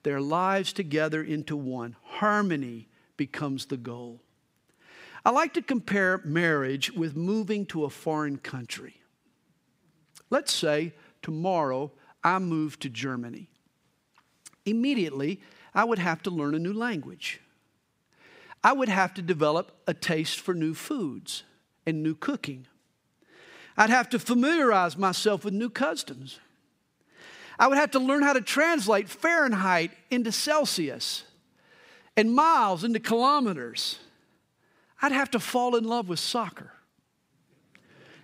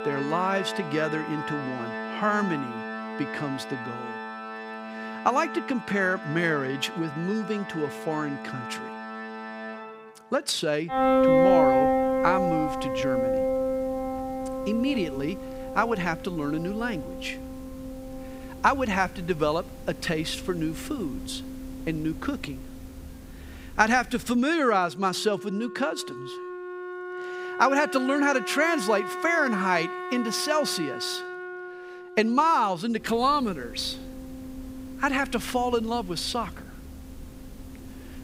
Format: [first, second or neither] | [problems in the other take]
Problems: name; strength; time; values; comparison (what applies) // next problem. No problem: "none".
first | background music; loud; throughout; 4 dB below the speech